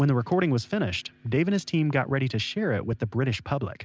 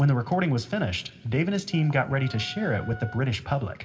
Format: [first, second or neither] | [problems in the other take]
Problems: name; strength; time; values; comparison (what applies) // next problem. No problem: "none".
first | background sound (Wind instrument, woodwind instrument); 19 dB below the speech // room echo; dies away in 1.4 s